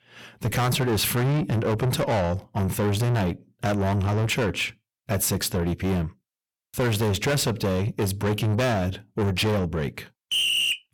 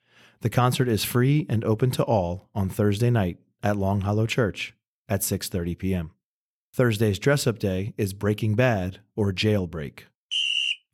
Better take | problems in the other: second | distortion; heavy; 6 dB below the speech

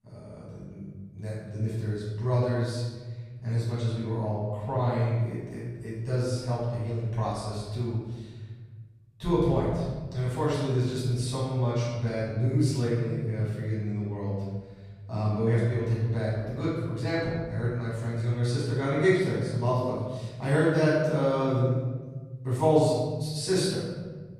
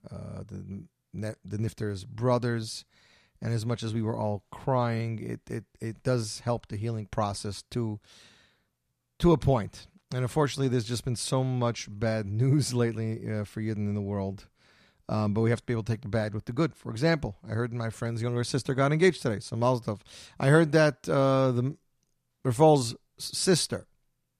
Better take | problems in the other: second | off-mic speech; far // room echo; strong; dies away in 1.6 s

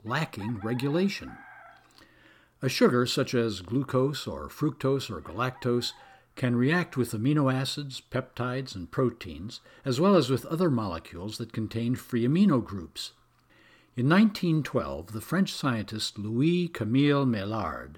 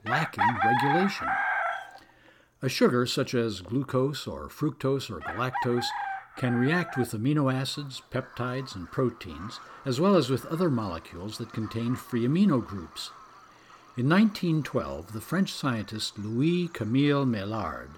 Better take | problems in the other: first | animal sounds; loud; throughout; 3 dB below the speech; faint in the first

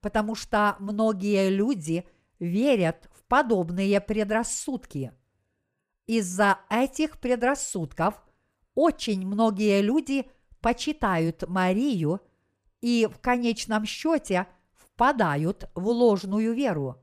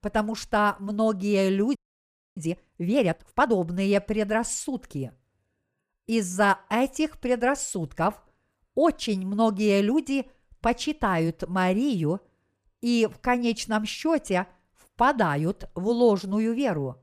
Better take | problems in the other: first | audio freezing; at 2 s for 0.5 s

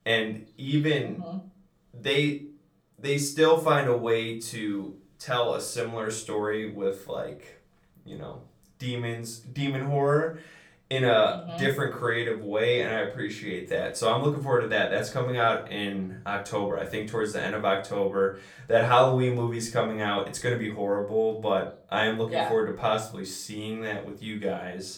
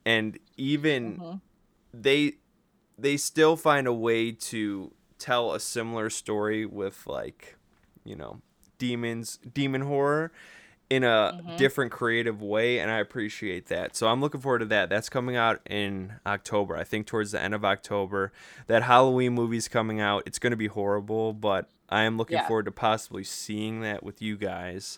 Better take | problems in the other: second | off-mic speech; far // room echo; very slight; dies away in 0.3 s

